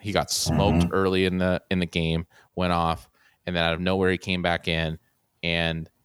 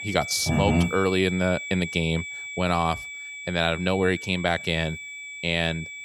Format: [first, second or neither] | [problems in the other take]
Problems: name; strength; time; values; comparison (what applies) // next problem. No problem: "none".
first | high-pitched whine; loud; throughout; 2.5 kHz, 9 dB below the speech